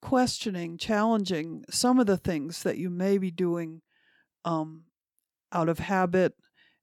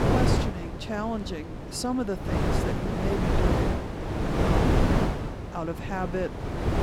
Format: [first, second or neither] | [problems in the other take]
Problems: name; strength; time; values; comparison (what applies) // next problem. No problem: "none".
first | wind noise on the microphone; heavy; 4 dB above the speech